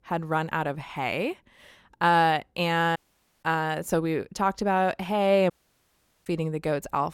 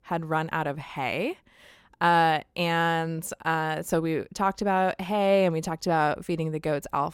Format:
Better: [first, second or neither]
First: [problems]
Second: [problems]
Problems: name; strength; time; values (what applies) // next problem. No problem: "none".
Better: second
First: audio cutting out; at 3 s and at 5.5 s for 1 s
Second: none